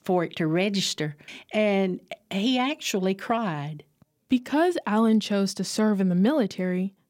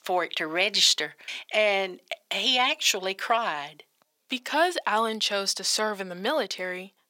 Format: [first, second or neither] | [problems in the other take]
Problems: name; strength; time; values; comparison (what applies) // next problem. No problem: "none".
first | thin; very; fading below 700 Hz